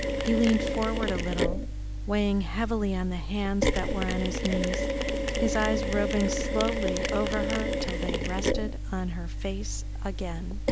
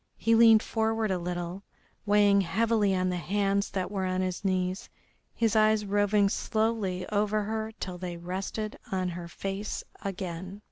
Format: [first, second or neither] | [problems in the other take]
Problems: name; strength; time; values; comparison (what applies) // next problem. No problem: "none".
second | background sound (Mechanisms); 1 dB above the speech